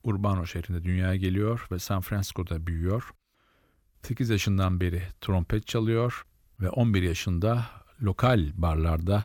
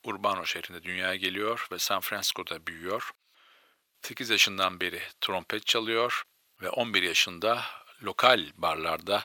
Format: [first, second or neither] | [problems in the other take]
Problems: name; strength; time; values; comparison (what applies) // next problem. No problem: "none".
first | thin; very; fading below 600 Hz